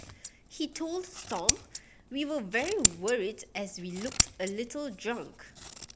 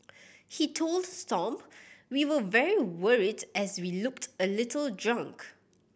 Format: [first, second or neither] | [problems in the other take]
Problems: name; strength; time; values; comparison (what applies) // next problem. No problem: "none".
second | background sound (Scissors); 1 dB above the speech